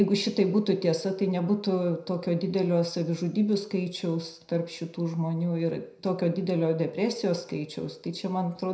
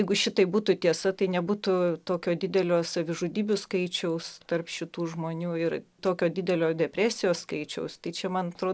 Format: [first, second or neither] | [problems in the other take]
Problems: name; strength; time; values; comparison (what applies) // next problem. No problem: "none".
second | room echo; dies away in 0.4 s